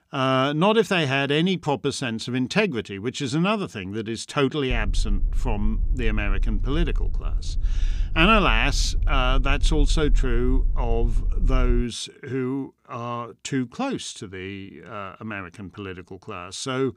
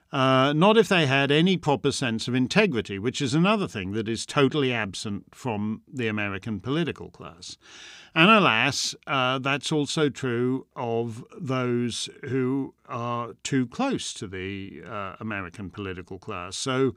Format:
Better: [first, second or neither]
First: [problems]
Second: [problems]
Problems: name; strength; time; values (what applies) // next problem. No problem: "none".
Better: second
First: low rumble; faint; from 4.5 to 12 s; 25 dB below the speech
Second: none